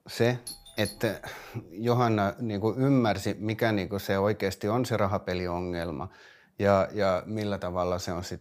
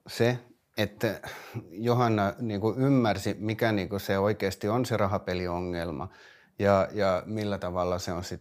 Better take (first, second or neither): second